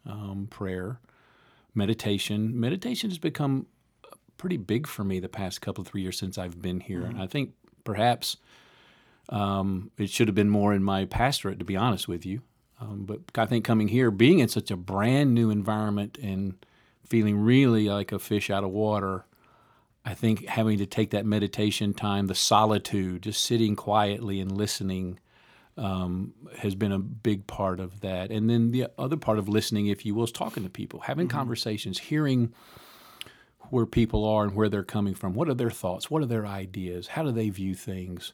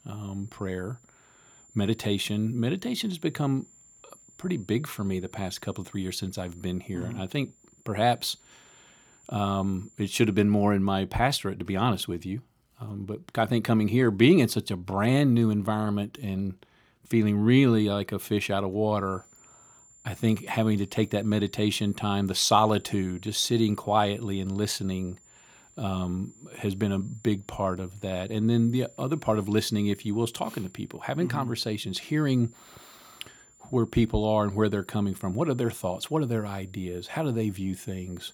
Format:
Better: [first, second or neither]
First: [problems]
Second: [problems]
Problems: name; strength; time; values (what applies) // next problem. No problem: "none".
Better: first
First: none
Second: high-pitched whine; faint; until 10 s and from 19 s on; 7 kHz, 30 dB below the speech